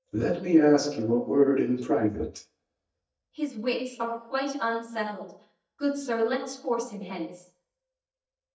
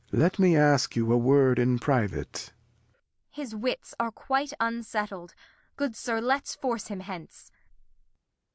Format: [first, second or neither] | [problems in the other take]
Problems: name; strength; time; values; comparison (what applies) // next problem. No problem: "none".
second | noise reduction (neural mask model DeepFilterNet 3)